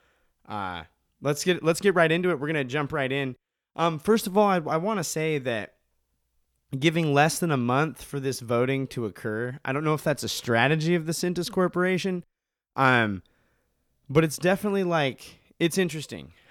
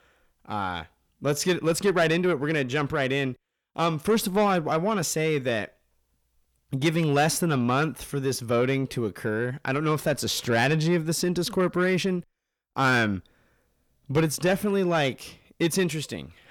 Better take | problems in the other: first | distortion; slight; 10 dB below the speech

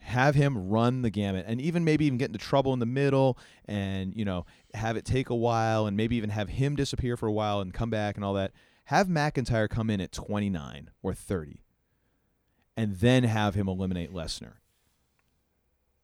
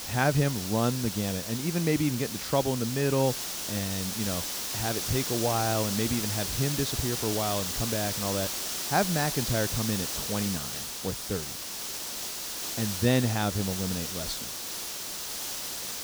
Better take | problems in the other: first | hiss; loud; throughout; 2 dB below the speech

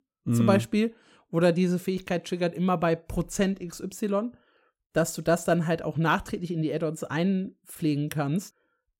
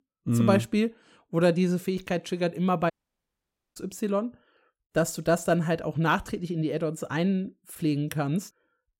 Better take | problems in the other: first | audio cutting out; at 3 s for 1 s

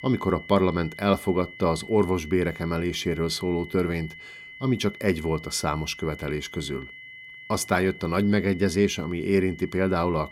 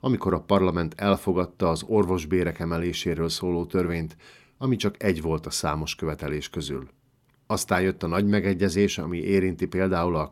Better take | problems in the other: second | high-pitched whine; noticeable; throughout; 2 kHz, 15 dB below the speech

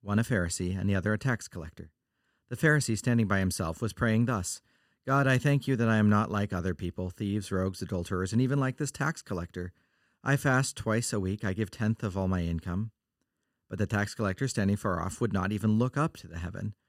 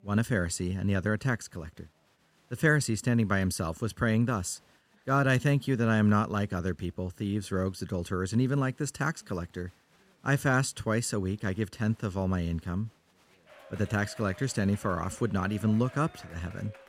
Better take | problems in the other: first | crowd noise; faint; throughout; 25 dB below the speech

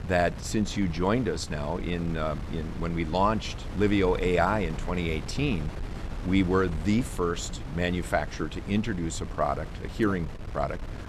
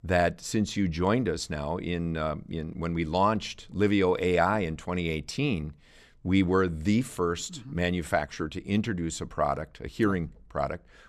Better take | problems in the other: second | wind noise on the microphone; occasional gusts; 15 dB below the speech

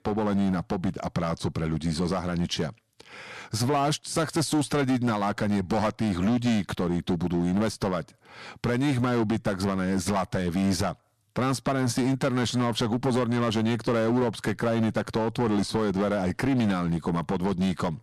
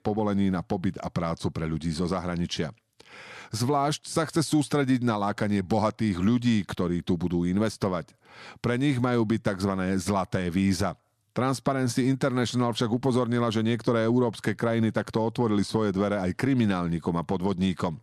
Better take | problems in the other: second | distortion; slight; 13% of the sound clipped

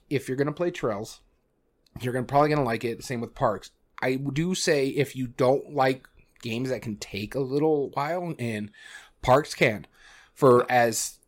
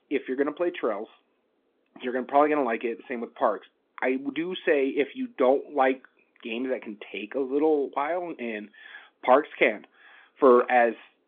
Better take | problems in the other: first | phone-call audio; nothing above 3.5 kHz

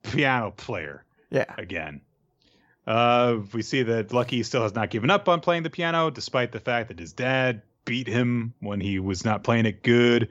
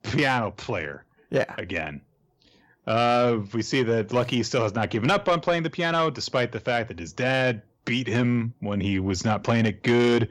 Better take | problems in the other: first | distortion; slight; 10 dB below the speech

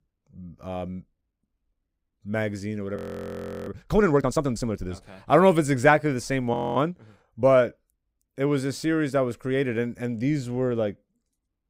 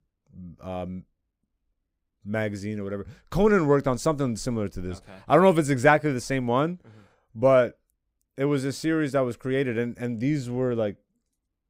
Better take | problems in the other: second | audio freezing; at 3 s for 0.5 s and at 6.5 s

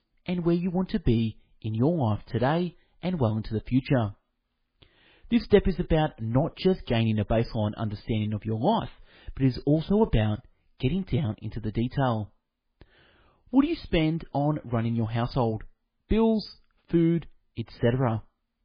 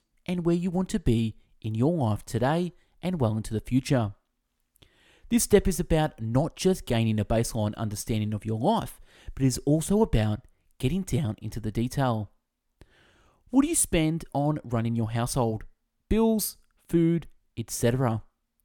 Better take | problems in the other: second | garbled, watery; badly; nothing above 5 kHz

